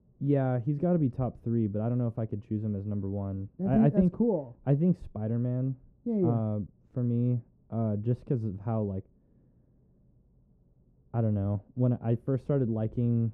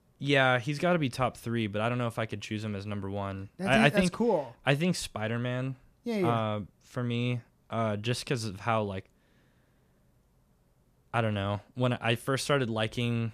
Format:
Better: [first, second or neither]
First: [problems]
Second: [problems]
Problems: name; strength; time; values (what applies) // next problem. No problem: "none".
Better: second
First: muffled; very; fading above 1 kHz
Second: none